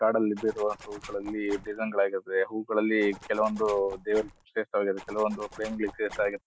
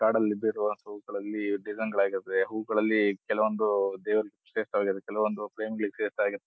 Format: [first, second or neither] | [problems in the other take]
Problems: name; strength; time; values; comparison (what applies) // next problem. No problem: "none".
second | background sound (Zipper (clothing)); 18 dB below the speech